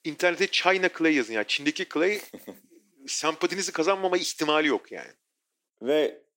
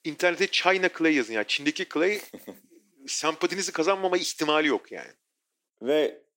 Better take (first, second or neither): neither